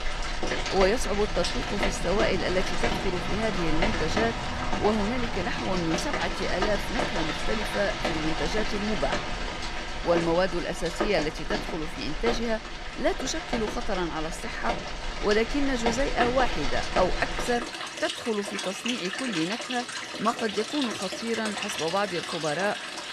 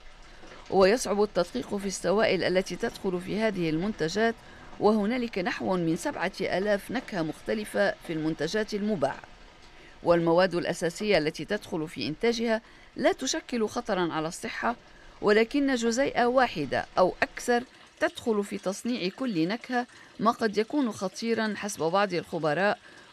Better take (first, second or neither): second